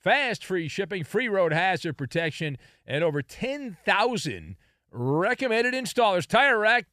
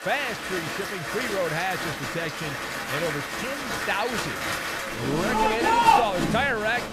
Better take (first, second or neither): first